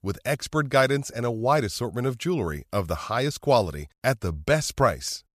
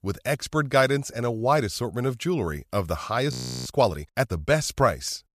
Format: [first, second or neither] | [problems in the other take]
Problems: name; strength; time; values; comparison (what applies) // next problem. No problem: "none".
first | audio freezing; at 3.5 s